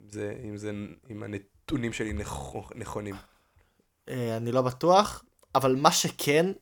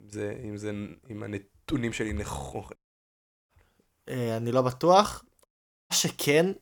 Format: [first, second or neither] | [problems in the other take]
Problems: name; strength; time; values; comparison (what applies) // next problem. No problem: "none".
first | audio cutting out; at 3 s for 0.5 s and at 5.5 s